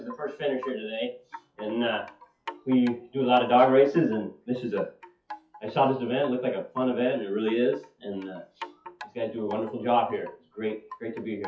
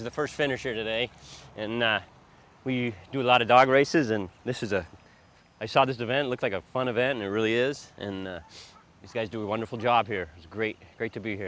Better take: second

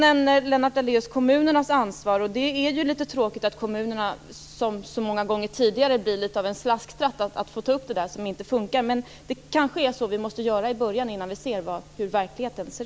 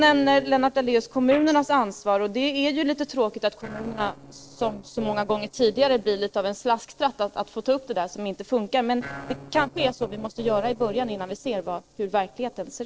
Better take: first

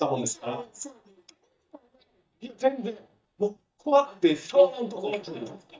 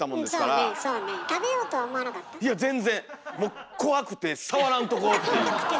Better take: second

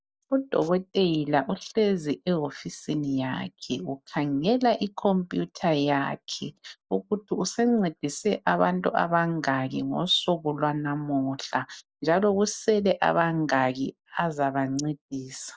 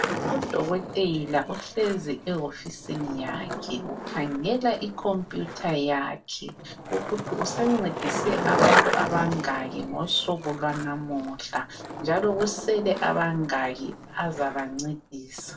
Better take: first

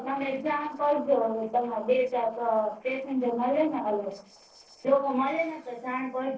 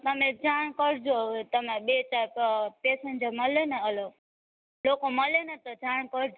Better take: second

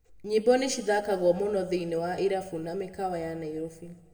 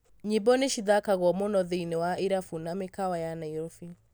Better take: second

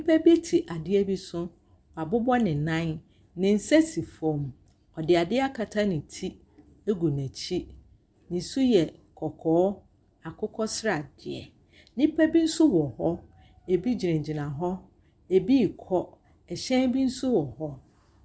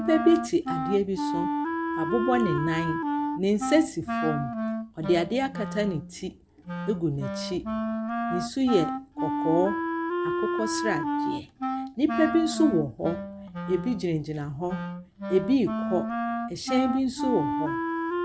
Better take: first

